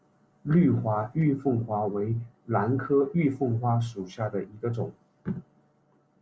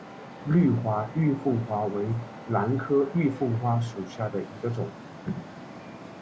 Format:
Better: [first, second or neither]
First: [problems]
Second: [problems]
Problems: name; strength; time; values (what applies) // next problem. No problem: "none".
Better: first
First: none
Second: background sound (Traffic noise, roadway noise); 15 dB below the speech